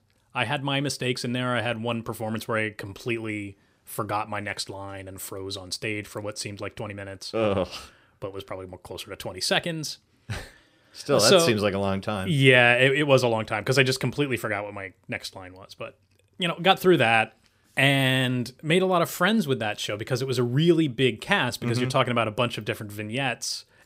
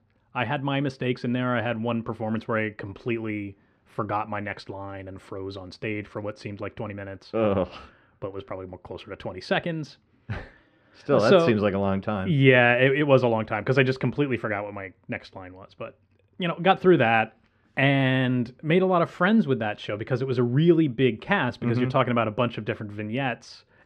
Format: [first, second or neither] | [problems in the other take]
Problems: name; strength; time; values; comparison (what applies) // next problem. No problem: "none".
first | muffled; slightly; fading above 2 kHz